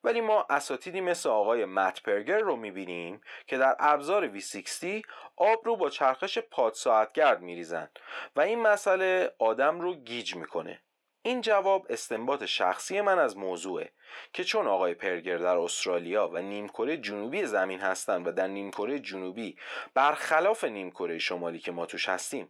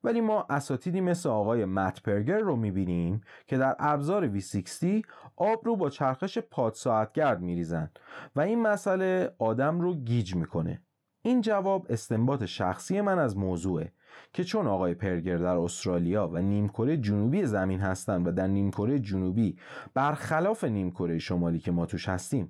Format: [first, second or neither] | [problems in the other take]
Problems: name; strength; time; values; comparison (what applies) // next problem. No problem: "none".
second | thin; very; fading below 400 Hz